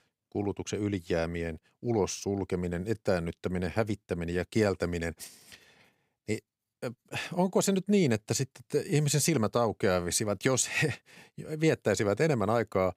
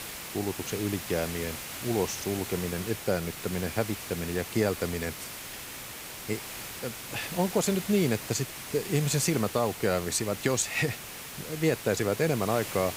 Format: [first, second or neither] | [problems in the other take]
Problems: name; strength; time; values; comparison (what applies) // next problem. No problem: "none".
first | hiss; loud; throughout; 8 dB below the speech